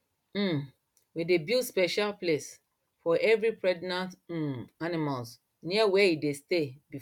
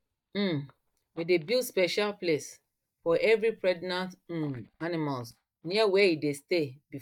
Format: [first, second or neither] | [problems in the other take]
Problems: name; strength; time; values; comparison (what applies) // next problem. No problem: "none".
first | noise reduction (neural mask model DeepFilterNet 3)